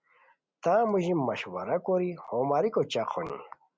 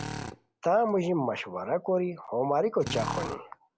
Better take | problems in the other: first | background sound (Drill); 12 dB below the speech

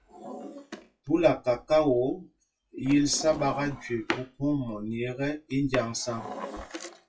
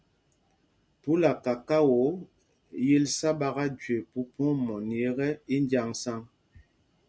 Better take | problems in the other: second | noise reduction (classical method WPE with log-MMSE)

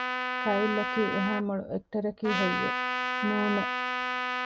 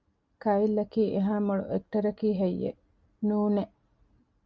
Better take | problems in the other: second | background sound (Trumpet); as loud as the speech

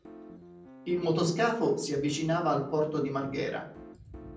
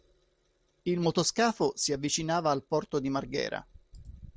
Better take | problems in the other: second | background sound (Piano); 18 dB below the speech // room echo; dies away in 0.6 s

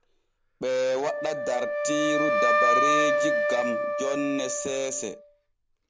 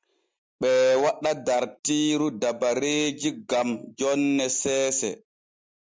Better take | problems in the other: second | background sound (Wind instrument, woodwind instrument); 4 dB above the speech

